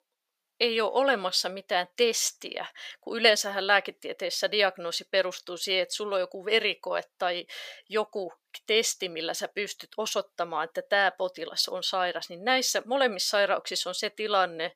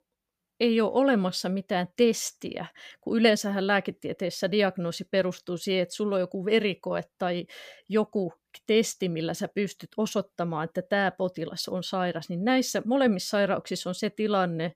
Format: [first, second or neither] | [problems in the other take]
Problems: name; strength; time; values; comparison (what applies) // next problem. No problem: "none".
second | thin; very; fading below 600 Hz